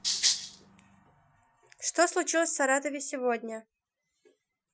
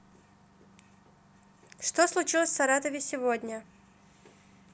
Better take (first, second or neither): second